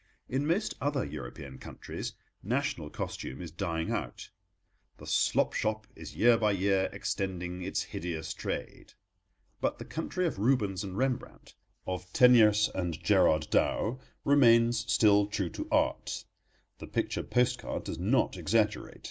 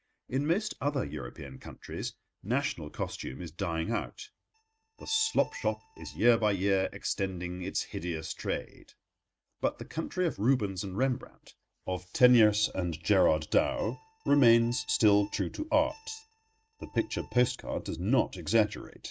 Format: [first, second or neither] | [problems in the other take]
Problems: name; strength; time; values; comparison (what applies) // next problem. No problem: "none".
first | noise reduction (neural mask model RNNoise)